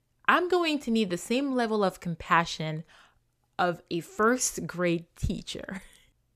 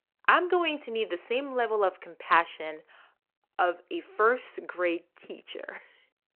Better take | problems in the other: first | phone-call audio

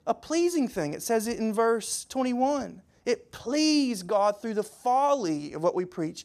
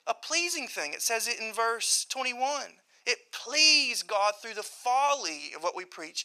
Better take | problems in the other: first | thin; very; fading below 900 Hz

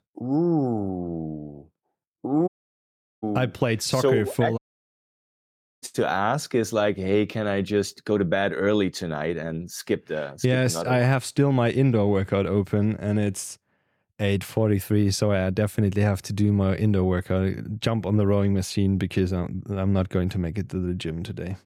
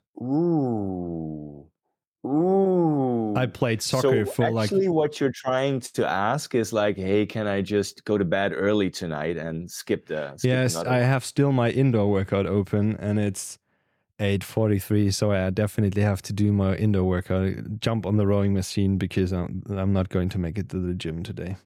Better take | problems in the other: second | audio cutting out; at 2.5 s for 0.5 s and at 4.5 s for 1 s

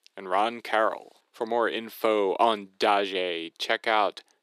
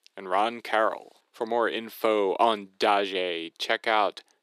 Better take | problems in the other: neither | thin; somewhat; fading below 300 Hz; the same in both

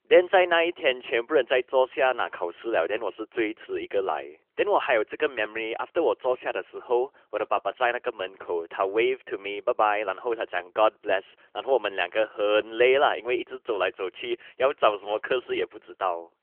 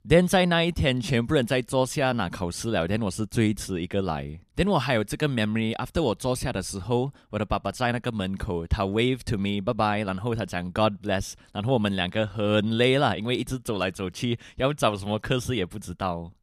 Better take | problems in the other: second | phone-call audio; nothing above 3 kHz

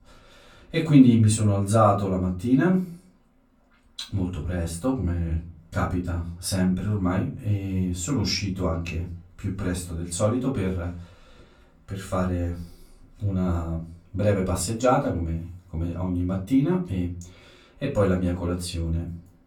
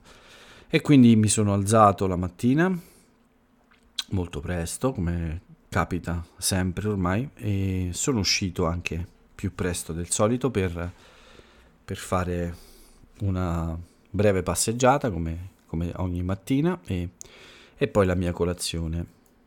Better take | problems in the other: second | off-mic speech; far // room echo; slight; dies away in 0.3 s

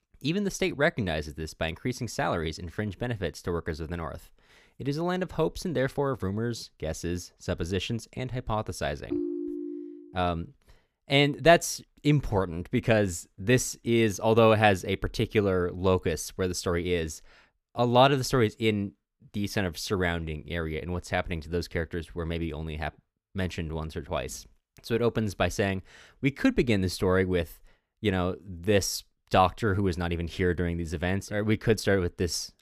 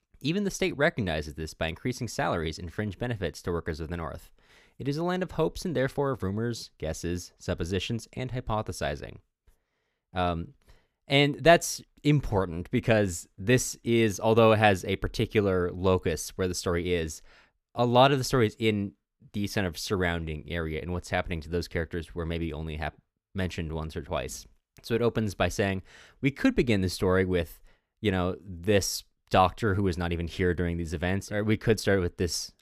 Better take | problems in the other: second | phone ringing; noticeable; at 9 s; peak 4 dB below the speech

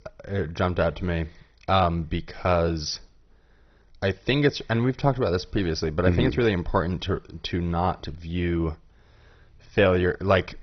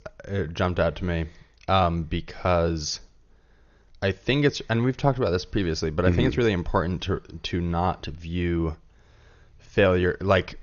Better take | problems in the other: second | garbled, watery; badly; nothing above 6 kHz; slightly in the second

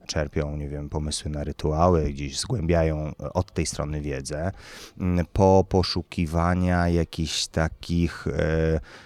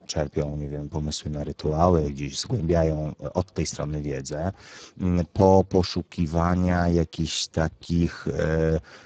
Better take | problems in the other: first | garbled, watery; badly; nothing above 7.5 kHz

